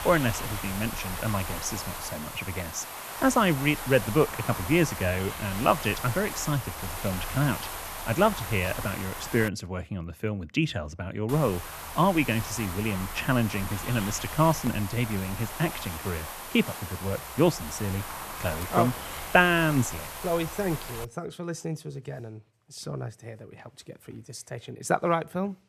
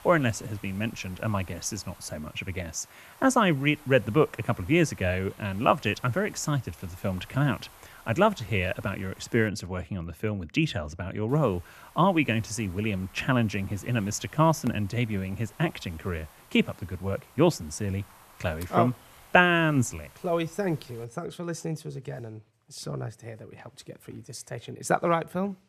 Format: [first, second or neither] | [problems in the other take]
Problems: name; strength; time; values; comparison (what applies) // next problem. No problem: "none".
second | hiss; loud; until 9.5 s and from 11 to 21 s; 8 dB below the speech; faint in the second